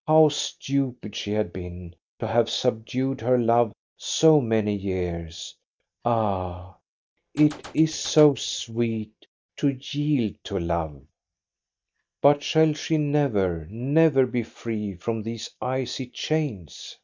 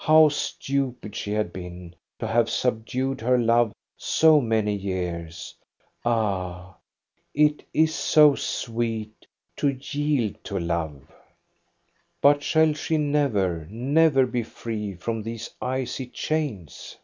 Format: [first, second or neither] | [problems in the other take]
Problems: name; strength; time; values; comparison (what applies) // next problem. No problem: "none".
second | noise reduction (neural mask model DeepFilterNet 3)